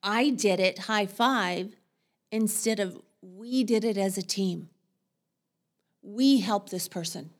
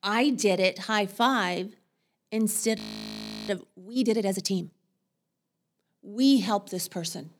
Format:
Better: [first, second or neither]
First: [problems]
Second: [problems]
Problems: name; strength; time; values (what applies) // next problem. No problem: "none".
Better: first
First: none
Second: audio freezing; at 3 s for 0.5 s